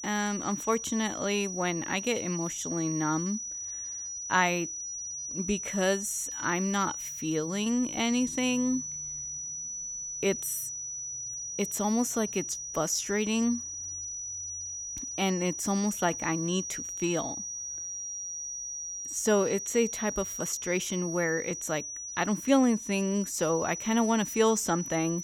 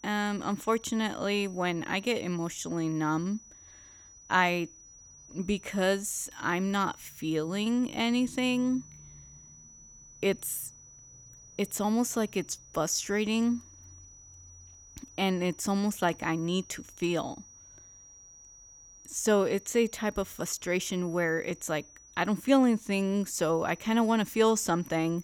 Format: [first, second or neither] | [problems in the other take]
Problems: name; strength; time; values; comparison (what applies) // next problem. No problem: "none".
second | high-pitched whine; loud; throughout; 6 kHz, 5 dB below the speech; faint in the second